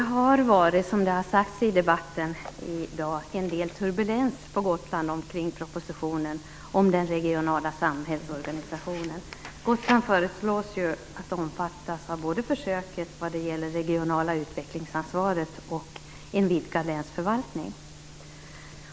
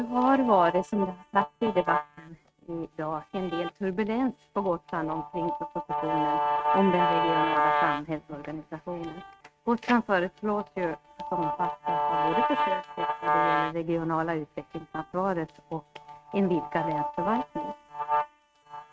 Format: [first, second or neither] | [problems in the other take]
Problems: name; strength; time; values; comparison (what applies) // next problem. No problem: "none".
first | noise reduction (neural mask model RNNoise)